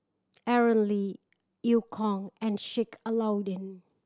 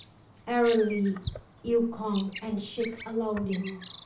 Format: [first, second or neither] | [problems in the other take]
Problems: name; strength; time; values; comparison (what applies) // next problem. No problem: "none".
first | background sound (Bird vocalization, bird call, bird song); 14 dB below the speech // room echo; dies away in 0.4 s